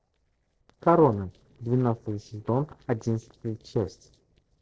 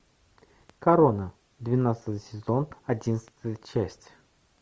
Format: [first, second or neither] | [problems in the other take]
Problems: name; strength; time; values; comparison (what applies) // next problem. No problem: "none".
second | noise reduction (neural separator model SepFormer DNS4)